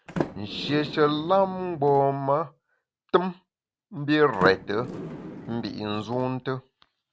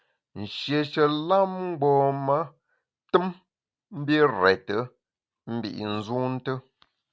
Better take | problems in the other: second | background sound (Sliding door); 10 dB below the speech

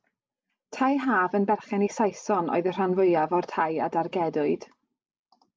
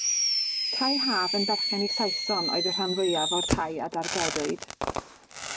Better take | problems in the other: first | background sound (Fireworks); 1 dB above the speech

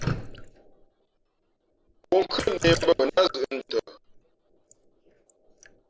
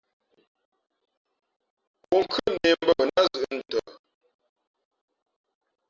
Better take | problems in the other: second | background sound (Drip); 9 dB below the speech

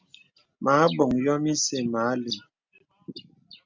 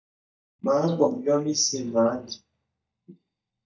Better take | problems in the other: first | noise reduction (neural mask model DeepFilterNet 3)

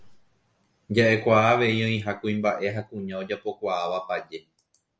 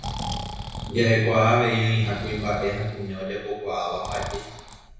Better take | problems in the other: first | background sound (Breathing); 11 dB below the speech // room echo; dies away in 1.1 s

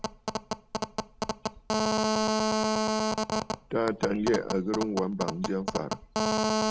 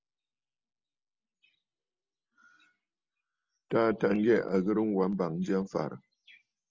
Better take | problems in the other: second | background sound (Telephone); 3 dB above the speech

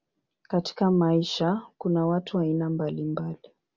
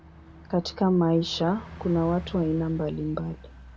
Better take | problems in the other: first | background sound (Bus); 16 dB below the speech

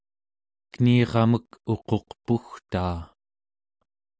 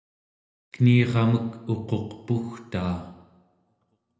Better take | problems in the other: first | room echo; dies away in 0.8 s

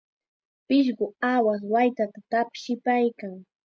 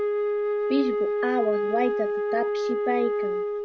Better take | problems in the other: first | background sound (Wind instrument, woodwind instrument); 4 dB above the speech

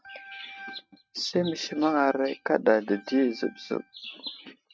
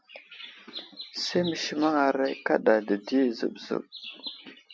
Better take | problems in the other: second | noise reduction (neural mask model RNNoise)

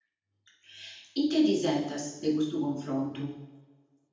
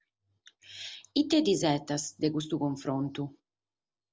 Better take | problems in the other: second | room echo; dies away in 0.9 s

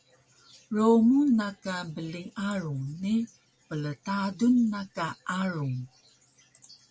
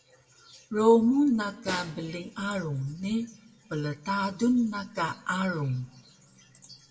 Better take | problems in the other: first | background sound (Snare drum); 17 dB below the speech // room echo; dies away in 0.9 s

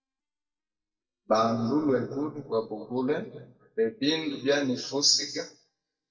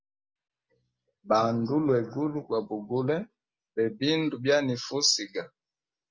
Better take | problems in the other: second | noise reduction (neural mask model DeepFilterNet 3)

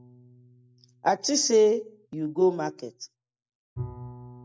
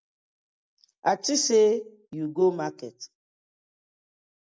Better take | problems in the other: second | background sound (Bowed string instrument); 18 dB below the speech

